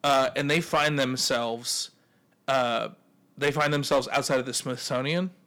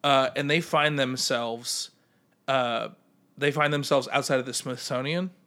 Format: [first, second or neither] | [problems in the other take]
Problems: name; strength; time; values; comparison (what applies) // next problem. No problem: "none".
second | distortion; slight; 4% of the sound clipped